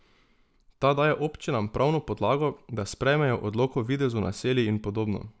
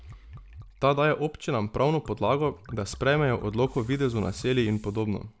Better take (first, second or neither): first